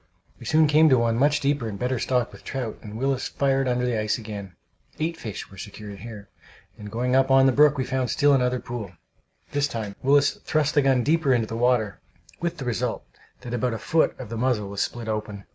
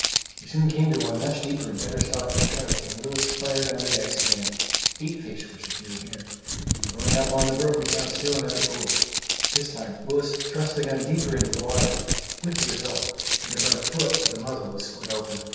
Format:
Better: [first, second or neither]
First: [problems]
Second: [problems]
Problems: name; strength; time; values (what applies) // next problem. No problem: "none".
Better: first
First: none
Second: background sound (Crumpling, crinkling); 1 dB above the speech // room echo; dies away in 1.2 s